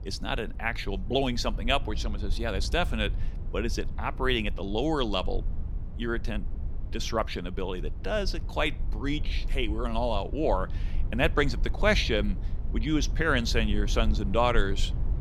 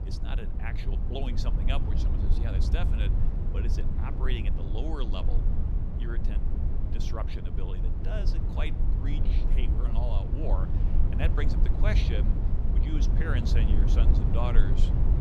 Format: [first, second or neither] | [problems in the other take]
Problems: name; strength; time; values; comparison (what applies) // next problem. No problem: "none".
first | low rumble; loud; throughout; 3 dB below the speech; faint in the first